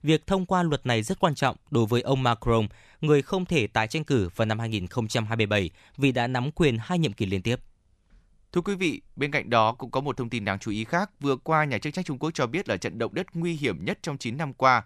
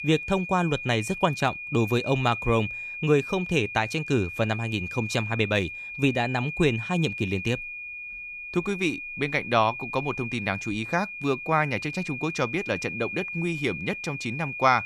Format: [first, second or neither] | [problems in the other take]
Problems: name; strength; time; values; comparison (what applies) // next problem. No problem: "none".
first | high-pitched whine; loud; throughout; 2.5 kHz, 7 dB below the speech